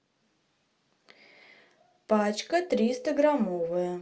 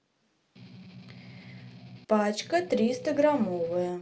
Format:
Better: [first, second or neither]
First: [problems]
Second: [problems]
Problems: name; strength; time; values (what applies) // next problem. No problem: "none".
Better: first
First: none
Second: background sound (Strum); 18 dB below the speech